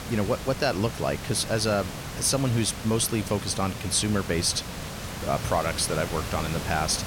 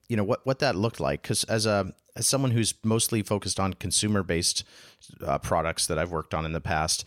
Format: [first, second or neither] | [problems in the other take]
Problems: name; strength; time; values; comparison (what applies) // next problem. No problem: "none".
second | hiss; loud; throughout; 8 dB below the speech